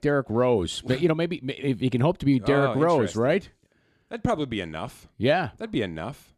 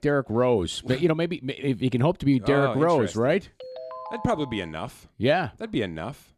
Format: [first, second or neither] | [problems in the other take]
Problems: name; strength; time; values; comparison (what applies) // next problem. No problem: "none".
first | phone ringing; faint; from 3.5 to 4.5 s; peak 10 dB below the speech